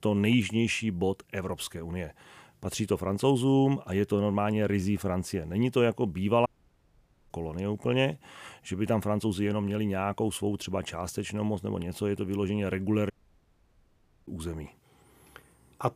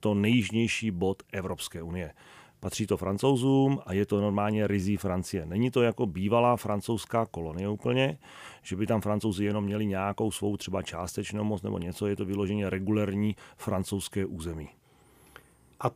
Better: second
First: audio cutting out; at 6.5 s for 1 s and at 13 s for 1 s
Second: none

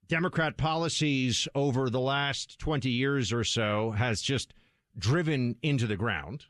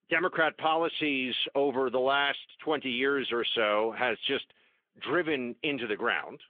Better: first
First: none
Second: phone-call audio; nothing above 3.5 kHz

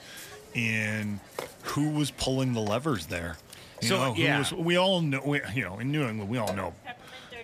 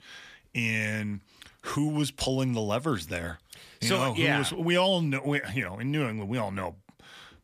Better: second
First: hiss; noticeable; throughout; 15 dB below the speech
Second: none

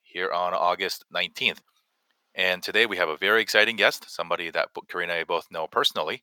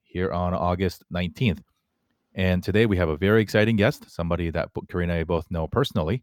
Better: second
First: thin; very; fading below 750 Hz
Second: none

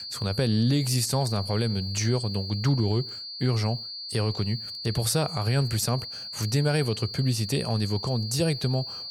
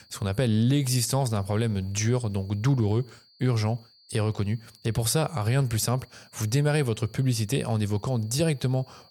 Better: second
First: high-pitched whine; loud; throughout; 4.5 kHz, 7 dB below the speech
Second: high-pitched whine; faint; throughout; 4.5 kHz, 30 dB below the speech

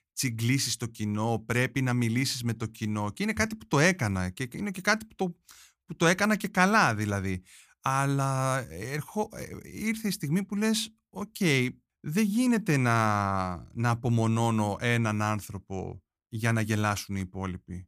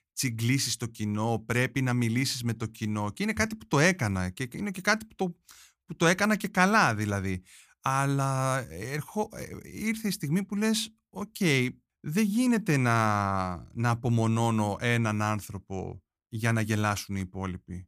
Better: neither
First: none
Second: none

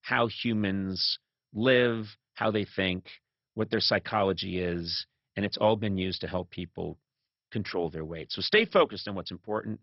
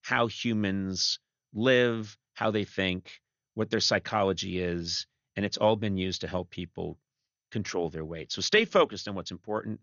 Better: second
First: garbled, watery; badly; nothing above 5.5 kHz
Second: garbled, watery; slightly; nothing above 6.5 kHz

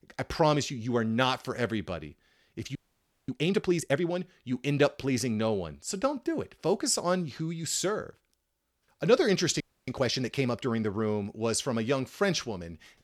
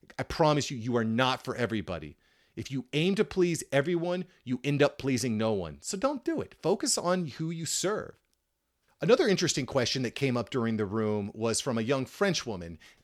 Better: second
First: audio freezing; at 3 s for 0.5 s and at 9.5 s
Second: none

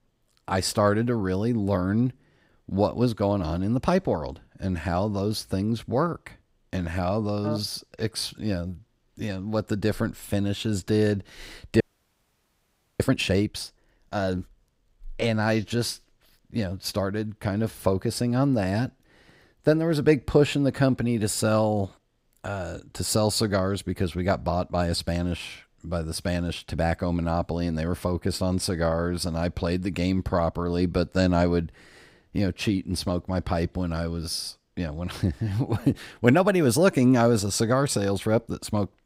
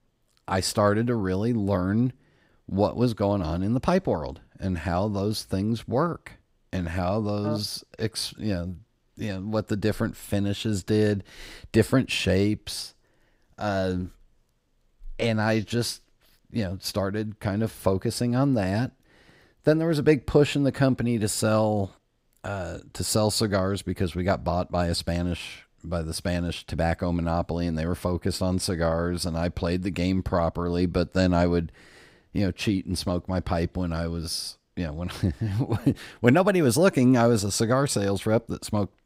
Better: second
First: audio freezing; at 12 s for 1 s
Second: none

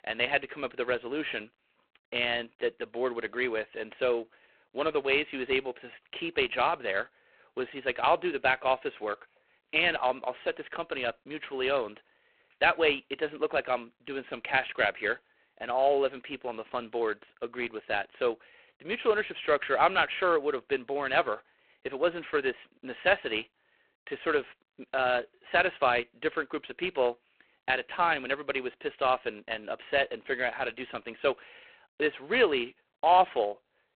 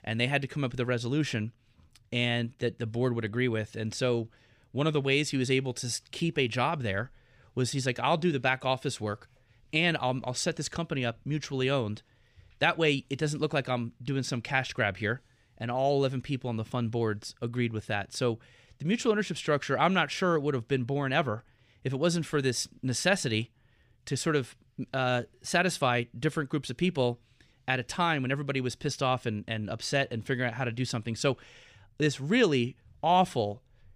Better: second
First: phone-call audio; poor line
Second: none

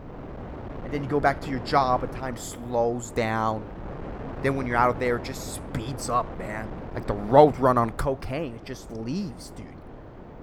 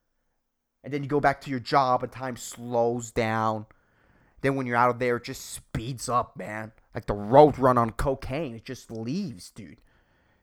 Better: second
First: wind noise on the microphone; occasional gusts; 15 dB below the speech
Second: none

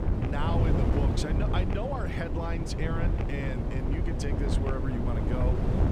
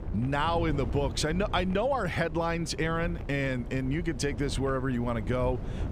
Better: second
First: wind noise on the microphone; heavy; as loud as the speech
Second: wind noise on the microphone; occasional gusts; 15 dB below the speech

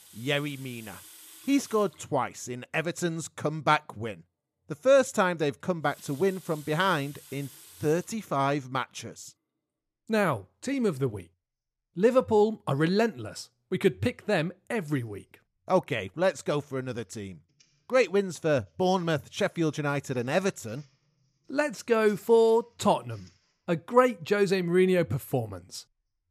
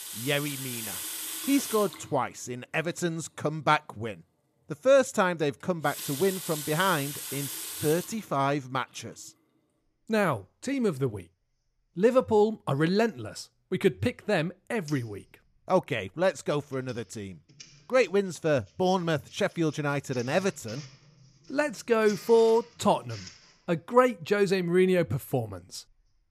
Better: first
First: household noises; faint; throughout; 25 dB below the speech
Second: household noises; loud; throughout; 10 dB below the speech

